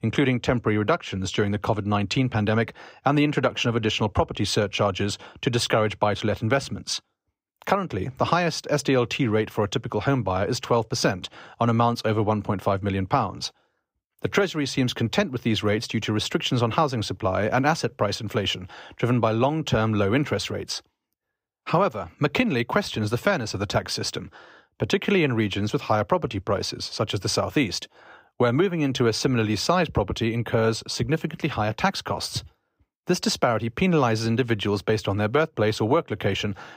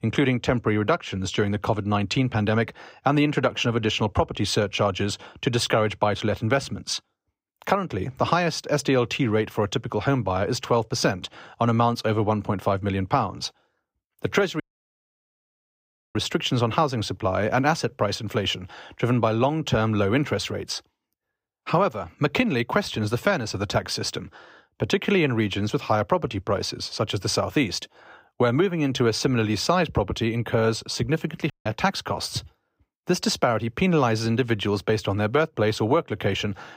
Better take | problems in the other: first | audio cutting out; at 15 s for 1.5 s and at 32 s

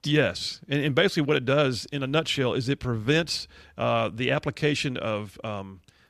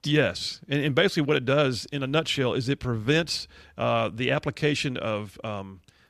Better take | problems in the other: neither | none

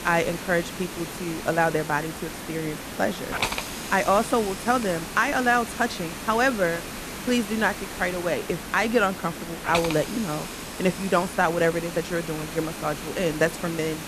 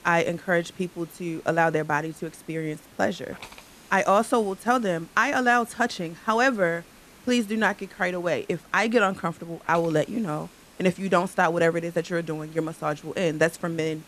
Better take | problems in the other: second | hiss; loud; throughout; 8 dB below the speech; faint in the second

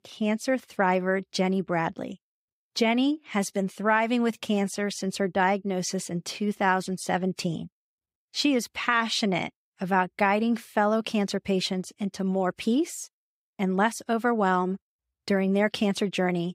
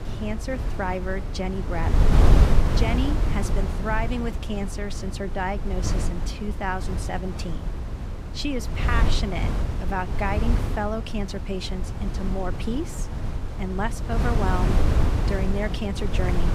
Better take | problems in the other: first | wind noise on the microphone; heavy; 4 dB below the speech

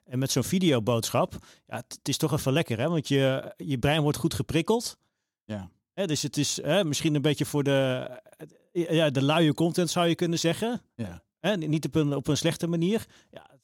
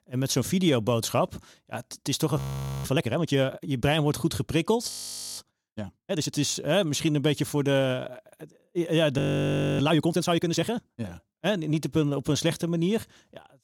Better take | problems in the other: first | audio freezing; at 2.5 s, at 5 s and at 9 s for 0.5 s

